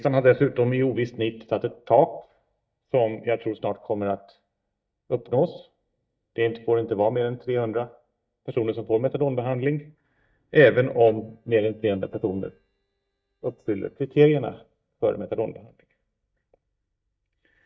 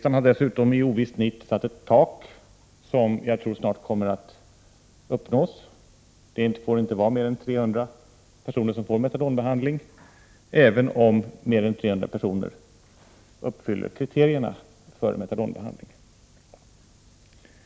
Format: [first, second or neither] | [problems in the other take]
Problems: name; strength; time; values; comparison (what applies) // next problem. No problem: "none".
second | noise reduction (neural mask model DeepFilterNet 3)